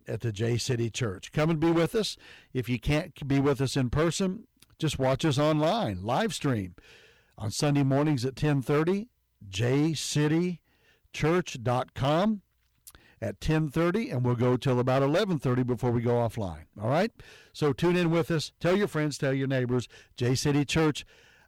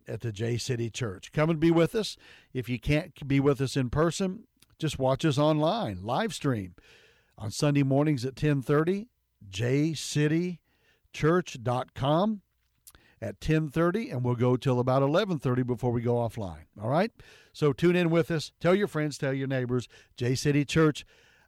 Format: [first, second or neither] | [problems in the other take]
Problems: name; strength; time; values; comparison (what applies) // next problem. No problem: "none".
second | distortion; slight; 9% of the sound clipped